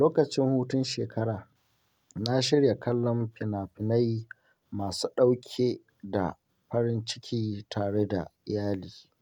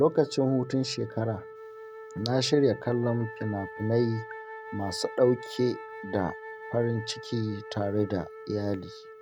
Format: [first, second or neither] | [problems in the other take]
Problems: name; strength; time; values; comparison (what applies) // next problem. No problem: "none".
first | background sound (Wind instrument, woodwind instrument); 14 dB below the speech